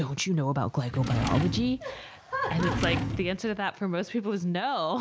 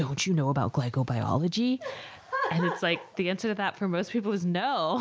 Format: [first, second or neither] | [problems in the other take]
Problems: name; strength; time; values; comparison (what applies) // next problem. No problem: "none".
second | background sound (Drawer open or close); 4 dB below the speech